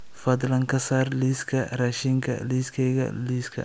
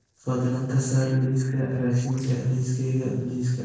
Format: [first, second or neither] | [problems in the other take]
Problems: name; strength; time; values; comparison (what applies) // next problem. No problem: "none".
first | noise reduction (neural separator model SepFormer DNS4)